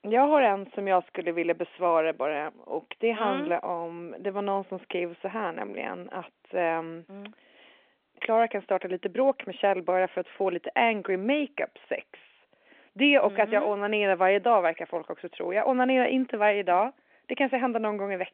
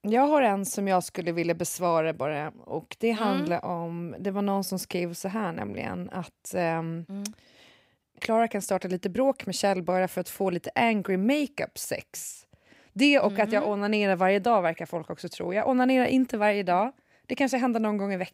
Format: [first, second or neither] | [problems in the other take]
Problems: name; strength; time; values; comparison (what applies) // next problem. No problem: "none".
second | phone-call audio